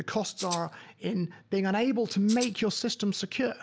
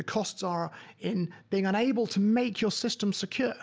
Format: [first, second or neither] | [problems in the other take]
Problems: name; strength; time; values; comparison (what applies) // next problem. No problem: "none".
second | background sound (Rattle (instrument)); 10 dB below the speech